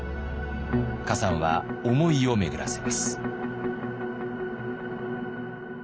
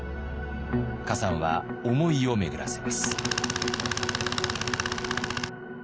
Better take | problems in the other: first | background sound (Tools); 1 dB below the speech

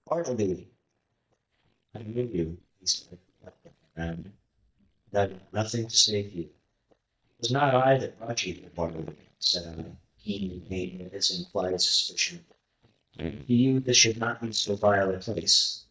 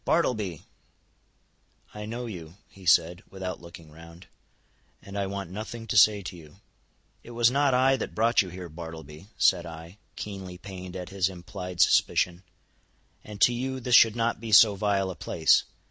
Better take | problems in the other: second | noise reduction (neural mask model DeepFilterNet 3)

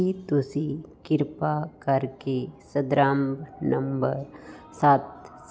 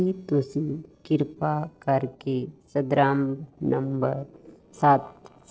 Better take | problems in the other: first | noise reduction (neural separator model SepFormer DNS4)

